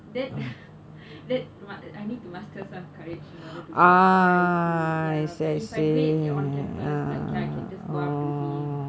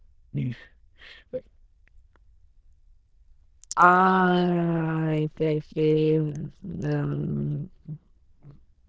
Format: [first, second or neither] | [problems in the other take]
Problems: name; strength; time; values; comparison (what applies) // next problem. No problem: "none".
first | noise reduction (neural diffusion model UNIVERSE++)